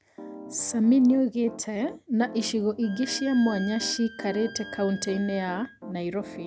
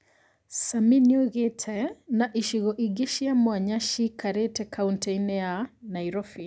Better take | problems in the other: second | background sound (Wind instrument, woodwind instrument + Piano); 15 dB below the speech

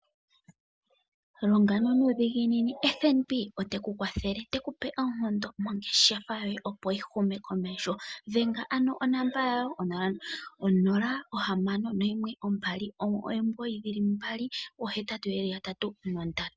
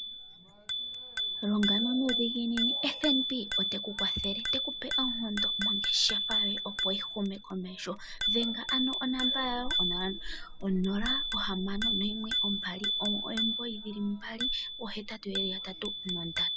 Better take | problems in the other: first | background sound (Bicycle bell); 1 dB above the speech

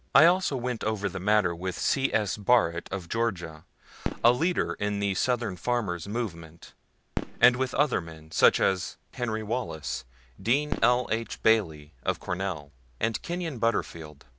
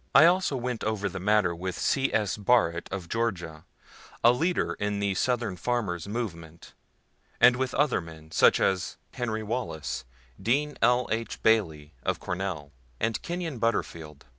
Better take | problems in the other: second | background sound (Fireworks); 12 dB below the speech

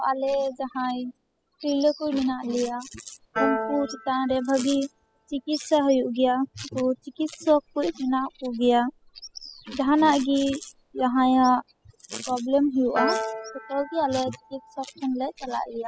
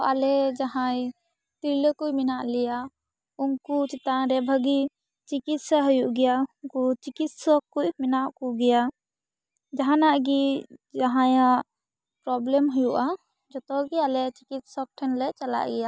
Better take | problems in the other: second | noise reduction (classical method spectral subtraction)

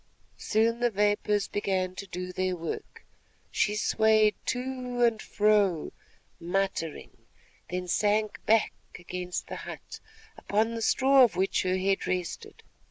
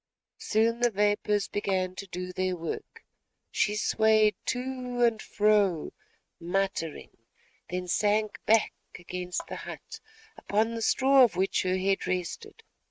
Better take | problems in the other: first | noise reduction (neural mask model RNNoise)

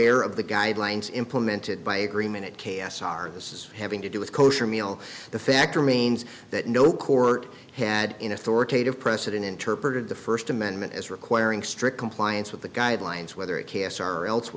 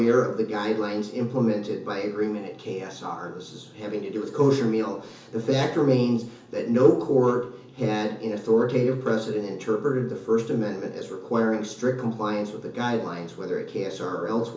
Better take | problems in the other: first | room echo; dies away in 0.7 s

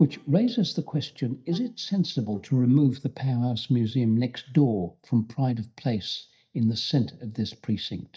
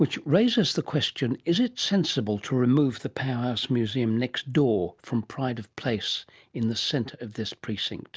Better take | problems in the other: second | noise reduction (neural mask model DeepFilterNet 3)

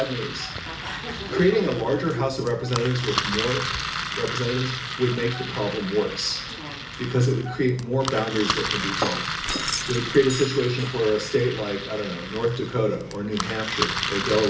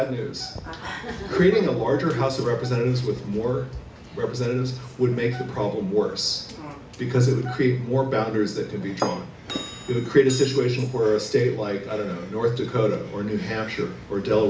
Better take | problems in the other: second | background sound (Engine + Keys jangling); 6 dB below the speech

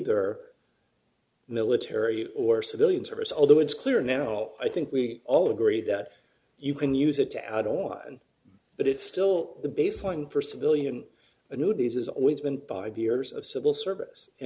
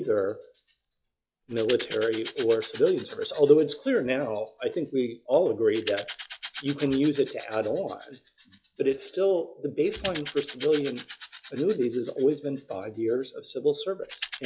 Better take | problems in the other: first | noise reduction (classical method log-MMSE)

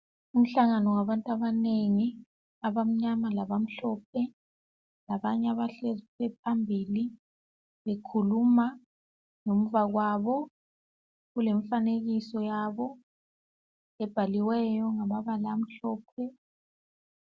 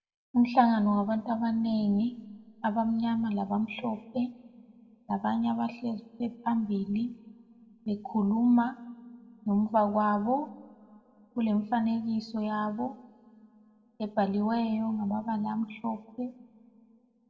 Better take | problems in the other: first | room echo; dies away in 1 s

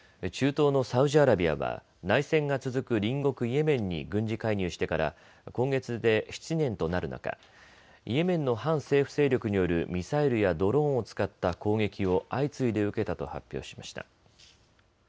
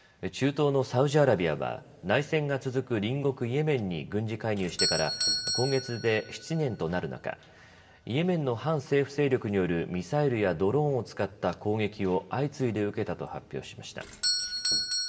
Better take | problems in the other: first | background sound (Doorbell); 9 dB below the speech // room echo; dies away in 1.7 s

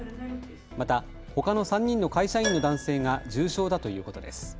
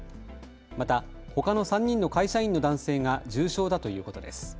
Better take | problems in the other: second | background sound (Keyboard (musical) + Subway, metro, underground); 13 dB below the speech

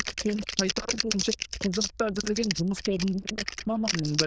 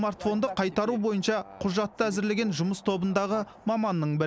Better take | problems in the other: second | noise reduction (neural diffusion model UNIVERSE++)

